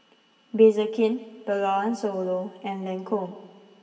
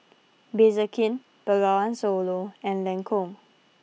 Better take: second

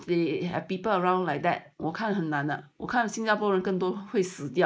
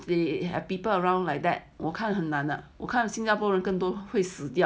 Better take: second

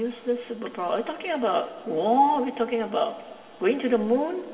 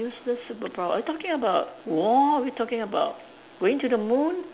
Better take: second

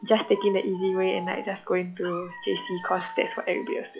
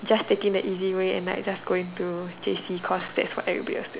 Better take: second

